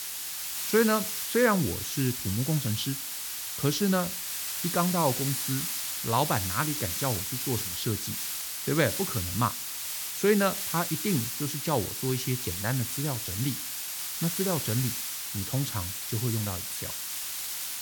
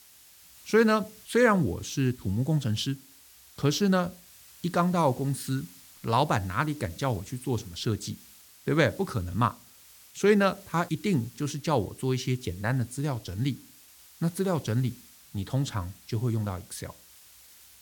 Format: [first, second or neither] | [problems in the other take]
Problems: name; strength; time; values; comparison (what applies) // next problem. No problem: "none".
second | hiss; loud; throughout; 1 dB below the speech; faint in the second